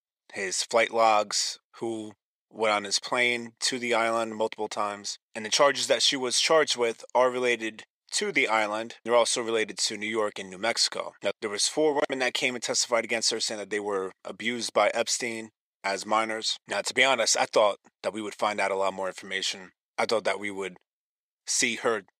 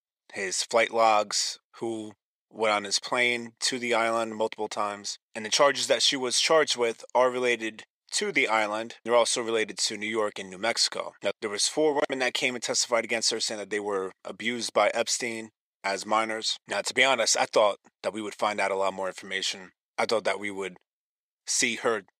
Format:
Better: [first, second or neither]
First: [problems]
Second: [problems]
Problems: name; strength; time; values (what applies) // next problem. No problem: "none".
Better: neither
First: thin; very; fading below 500 Hz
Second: thin; very; fading below 500 Hz